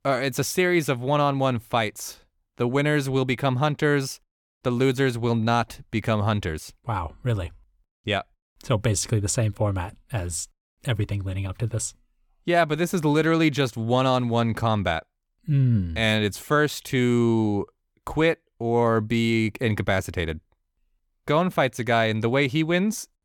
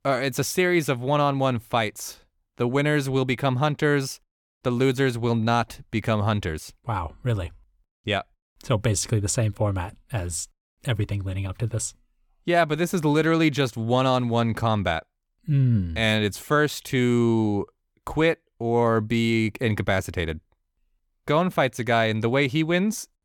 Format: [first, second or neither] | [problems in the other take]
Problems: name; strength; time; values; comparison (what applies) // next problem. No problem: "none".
neither | none